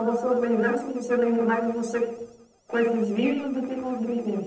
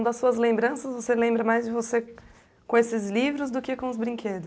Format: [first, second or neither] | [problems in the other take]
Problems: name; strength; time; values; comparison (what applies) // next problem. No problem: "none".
second | noise reduction (neural separator model SepFormer DNS4)